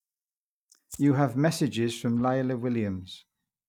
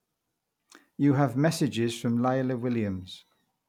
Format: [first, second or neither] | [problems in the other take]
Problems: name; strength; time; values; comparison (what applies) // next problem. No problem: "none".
second | noise reduction (neural mask model DeepFilterNet 3)